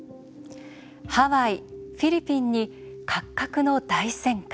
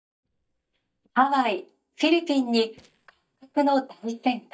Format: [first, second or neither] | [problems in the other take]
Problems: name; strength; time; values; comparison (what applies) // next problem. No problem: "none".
first | noise reduction (neural mask model DeepFilterNet 3)